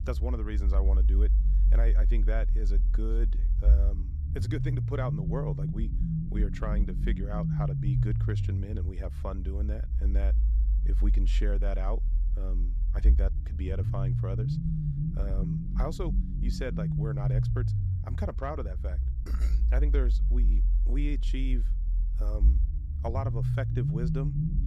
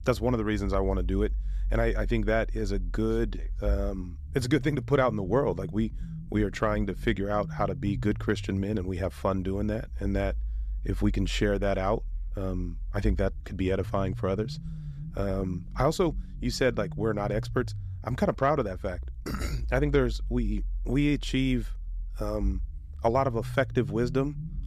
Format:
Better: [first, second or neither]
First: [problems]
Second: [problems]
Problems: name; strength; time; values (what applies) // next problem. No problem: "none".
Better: second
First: low rumble; loud; throughout; 4 dB below the speech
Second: low rumble; faint; throughout; 25 dB below the speech